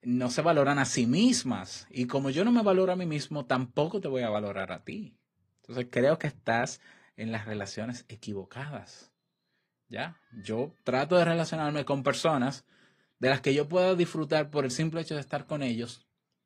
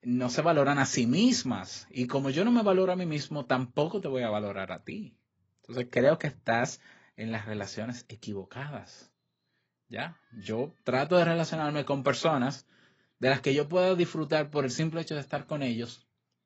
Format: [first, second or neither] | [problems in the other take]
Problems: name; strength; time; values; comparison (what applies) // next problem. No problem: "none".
first | garbled, watery; badly; nothing above 7.5 kHz; slightly in the first